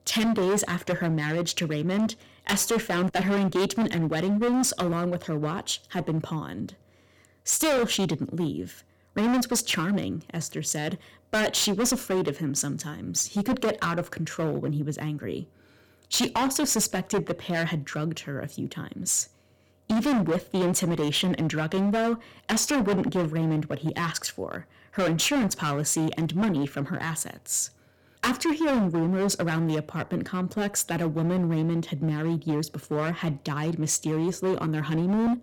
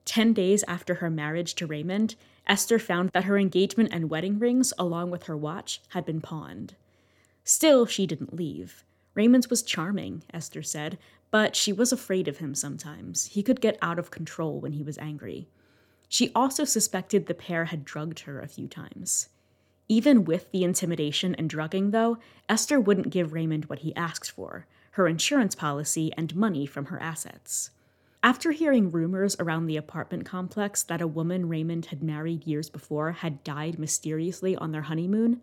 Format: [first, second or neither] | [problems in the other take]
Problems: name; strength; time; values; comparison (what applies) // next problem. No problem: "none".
second | distortion; heavy; 16% of the sound clipped